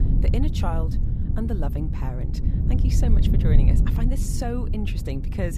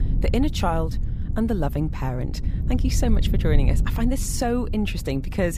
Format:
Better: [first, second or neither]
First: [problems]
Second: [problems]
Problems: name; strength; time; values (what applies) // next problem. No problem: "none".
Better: second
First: wind noise on the microphone; heavy; 3 dB below the speech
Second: wind noise on the microphone; occasional gusts; 10 dB below the speech